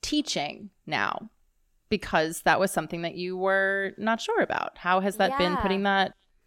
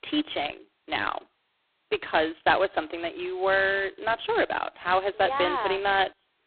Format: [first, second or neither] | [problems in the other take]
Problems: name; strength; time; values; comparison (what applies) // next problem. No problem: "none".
first | phone-call audio; poor line; nothing above 4 kHz